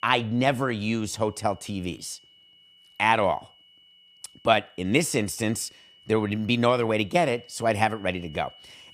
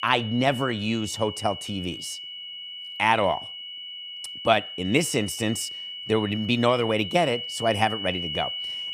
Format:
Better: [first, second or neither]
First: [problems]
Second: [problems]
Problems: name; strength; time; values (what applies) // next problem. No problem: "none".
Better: first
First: high-pitched whine; faint; throughout; 3 kHz, 25 dB below the speech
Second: high-pitched whine; loud; throughout; 3 kHz, 8 dB below the speech